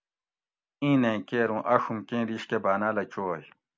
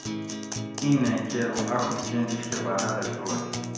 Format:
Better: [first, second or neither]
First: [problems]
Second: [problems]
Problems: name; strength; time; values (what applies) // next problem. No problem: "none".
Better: first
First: none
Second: background sound (Acoustic guitar); 4 dB below the speech // room echo; dies away in 1 s